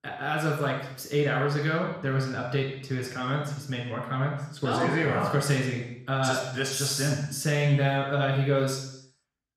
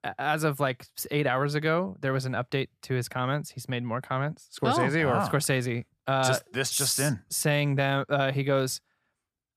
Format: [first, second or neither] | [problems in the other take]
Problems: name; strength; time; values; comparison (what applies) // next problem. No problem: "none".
second | room echo; noticeable; dies away in 0.7 s // off-mic speech; far